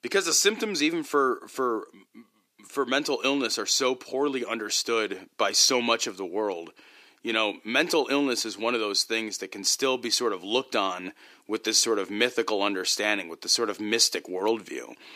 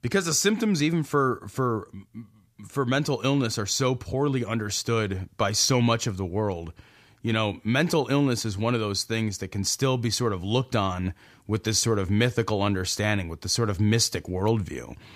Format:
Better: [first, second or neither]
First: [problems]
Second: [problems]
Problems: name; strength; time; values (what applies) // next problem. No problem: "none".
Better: second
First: thin; somewhat; fading below 300 Hz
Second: none